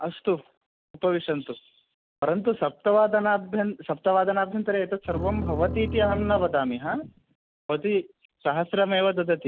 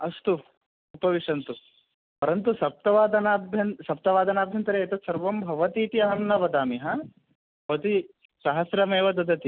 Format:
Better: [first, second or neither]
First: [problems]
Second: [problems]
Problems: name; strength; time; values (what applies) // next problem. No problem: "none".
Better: second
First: background sound (Bowed string instrument); 7 dB below the speech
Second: none